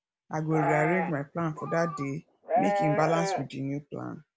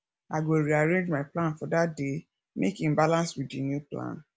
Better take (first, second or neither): second